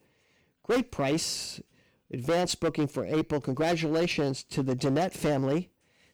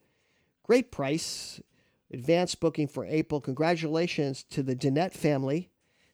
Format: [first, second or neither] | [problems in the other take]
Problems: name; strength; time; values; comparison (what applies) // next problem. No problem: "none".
second | distortion; heavy; 11% of the sound clipped